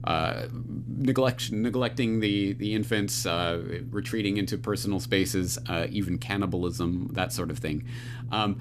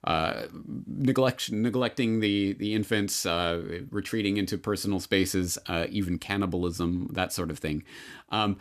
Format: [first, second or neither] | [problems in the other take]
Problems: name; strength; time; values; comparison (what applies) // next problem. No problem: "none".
second | low rumble; noticeable; throughout; 20 dB below the speech